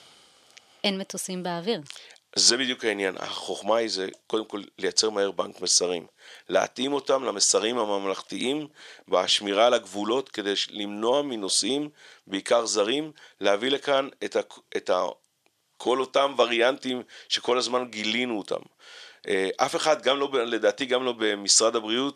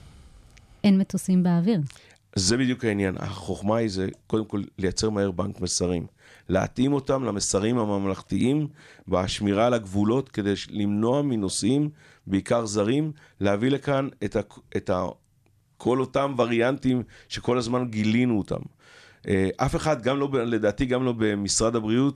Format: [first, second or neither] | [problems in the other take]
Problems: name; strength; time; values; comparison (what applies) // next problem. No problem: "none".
second | thin; somewhat; fading below 500 Hz